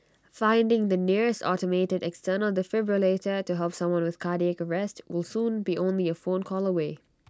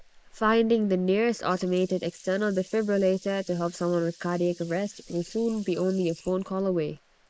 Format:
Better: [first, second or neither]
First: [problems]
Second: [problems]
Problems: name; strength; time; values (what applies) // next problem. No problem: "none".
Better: first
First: none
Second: noise reduction (neural mask model Resemble Enhance denoiser)